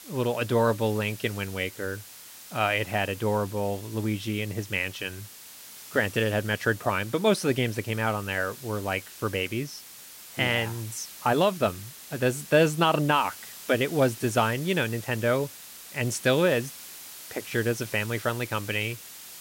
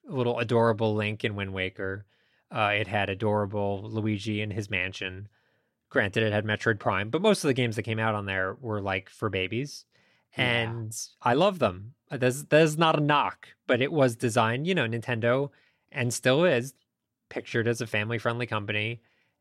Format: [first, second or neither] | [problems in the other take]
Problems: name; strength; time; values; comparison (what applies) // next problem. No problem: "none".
second | hiss; noticeable; throughout; 15 dB below the speech